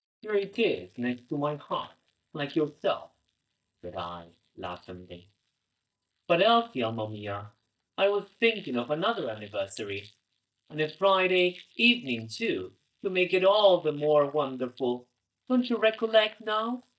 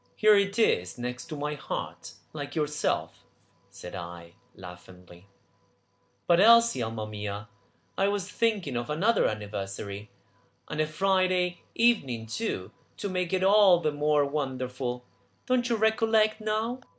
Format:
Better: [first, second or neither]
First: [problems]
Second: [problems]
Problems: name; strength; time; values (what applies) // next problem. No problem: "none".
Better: second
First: noise reduction (neural mask model DeepFilterNet 3)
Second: none